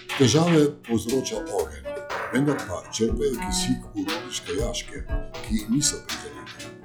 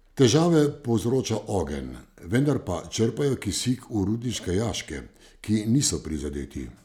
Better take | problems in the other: second | noise reduction (classical method log-MMSE)

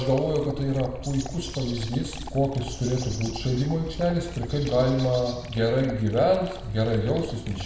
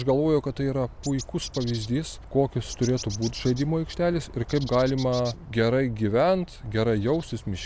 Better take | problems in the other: second | background sound (Dog); 20 dB below the speech // room echo; dies away in 0.9 s

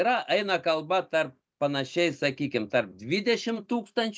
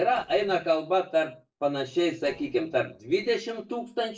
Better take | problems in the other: first | noise reduction (neural separator model SepFormer DNS4)

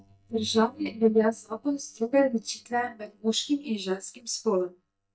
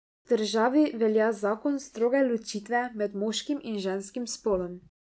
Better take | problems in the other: second | noise reduction (neural mask model DeepFilterNet 3)

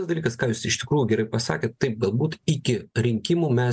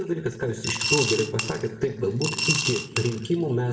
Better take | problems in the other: first | background sound (Coin (dropping) / Glass); 3 dB below the speech // room echo; dies away in 1.6 s

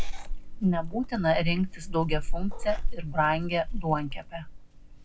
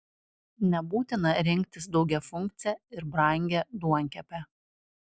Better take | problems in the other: second | background sound (Meow / Purr); as loud as the speech // room echo; dies away in 0.3 s

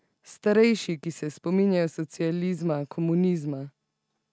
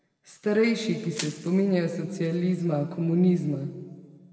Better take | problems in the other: first | background sound (Crushing); 15 dB below the speech // room echo; dies away in 1.5 s

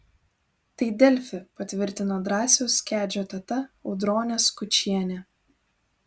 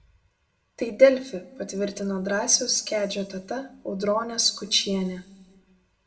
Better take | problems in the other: first | room echo; dies away in 0.5 s

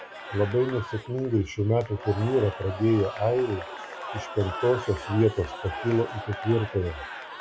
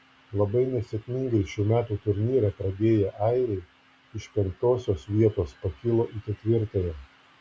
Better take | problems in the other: second | background sound (Crowd / Cheering); 11 dB below the speech

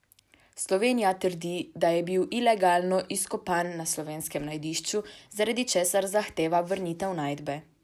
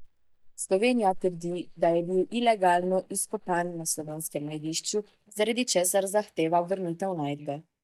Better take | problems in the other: first | noise reduction (neural mask model DeepFilterNet 3)

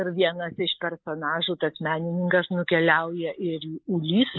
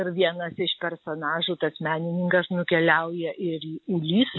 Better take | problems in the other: second | noise reduction (neural mask model Resemble Enhance denoiser)

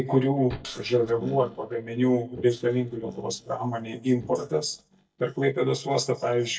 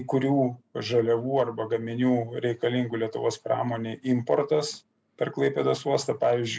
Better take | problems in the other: second | noise reduction (neural mask model DeepFilterNet 3)

